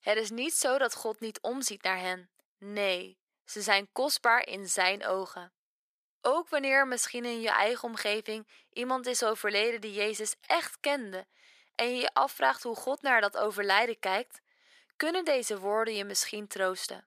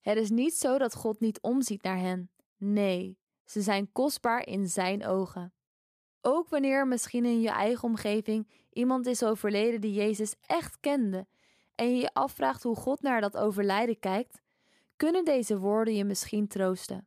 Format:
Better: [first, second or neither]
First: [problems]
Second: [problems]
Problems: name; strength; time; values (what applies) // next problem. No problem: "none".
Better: second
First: thin; somewhat; fading below 550 Hz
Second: none